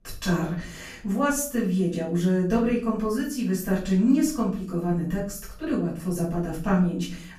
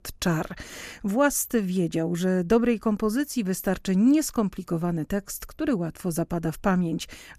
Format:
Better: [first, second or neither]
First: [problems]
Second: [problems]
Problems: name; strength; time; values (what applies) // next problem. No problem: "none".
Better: second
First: off-mic speech; far // room echo; slight; dies away in 0.4 s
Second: none